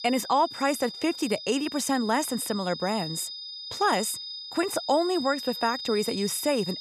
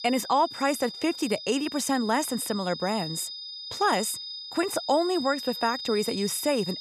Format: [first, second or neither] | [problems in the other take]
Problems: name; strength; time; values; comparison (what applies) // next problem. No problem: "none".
neither | high-pitched whine; loud; throughout; 5 kHz, 8 dB below the speech; the same in both